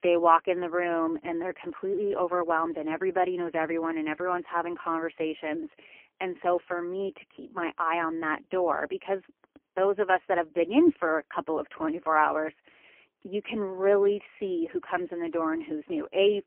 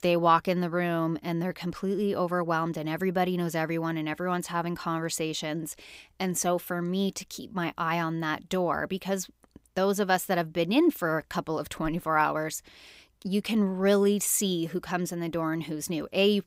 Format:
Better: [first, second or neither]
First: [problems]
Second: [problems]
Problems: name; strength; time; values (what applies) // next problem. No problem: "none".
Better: second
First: phone-call audio; poor line; nothing above 3 kHz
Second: none